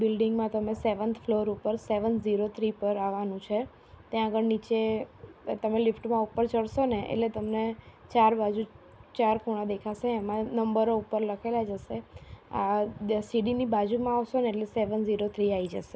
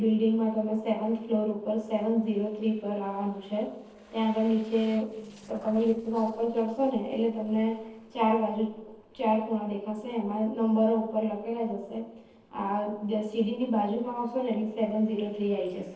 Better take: first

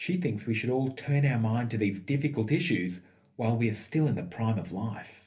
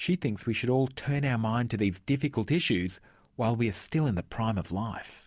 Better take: second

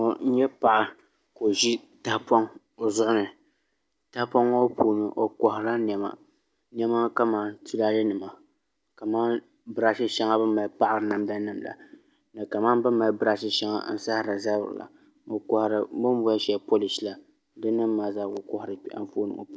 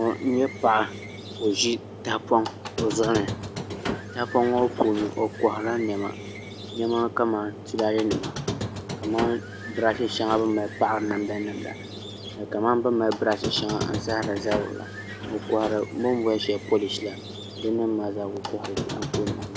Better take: first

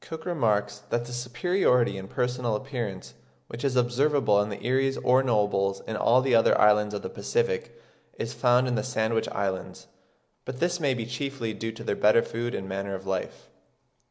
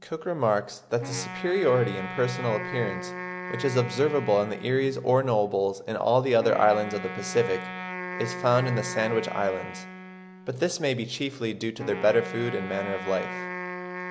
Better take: first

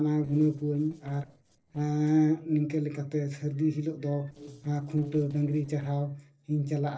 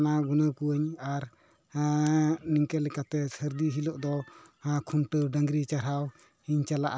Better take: second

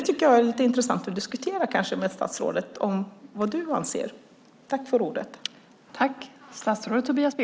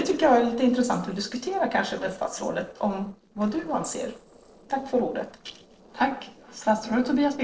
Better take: first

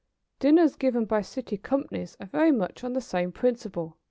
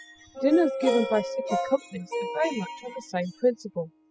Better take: first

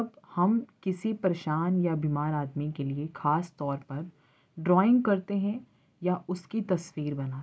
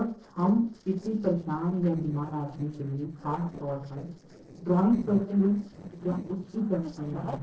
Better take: first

